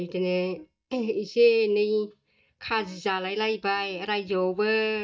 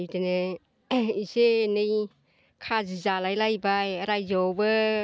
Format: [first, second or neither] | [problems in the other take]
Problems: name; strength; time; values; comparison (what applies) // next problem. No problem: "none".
second | noise reduction (neural mask model DeepFilterNet 3)